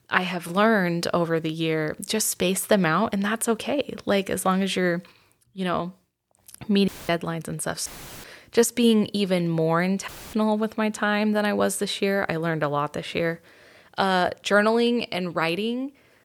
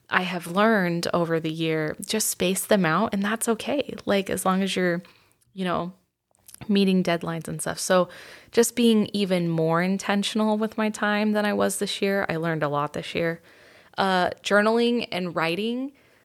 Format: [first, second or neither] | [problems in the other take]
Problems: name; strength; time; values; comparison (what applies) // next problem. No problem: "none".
second | audio cutting out; filled with static; at 7 s, at 8 s and at 10 s